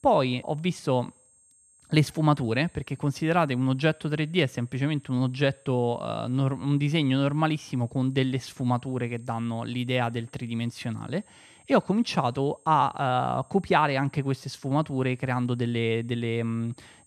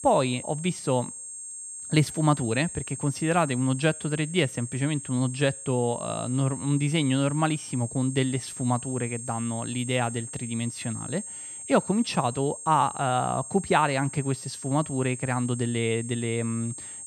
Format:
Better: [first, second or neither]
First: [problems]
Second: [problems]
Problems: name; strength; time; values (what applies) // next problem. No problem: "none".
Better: first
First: high-pitched whine; faint; throughout; 8.5 kHz, 30 dB below the speech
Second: high-pitched whine; loud; throughout; 8.5 kHz, 10 dB below the speech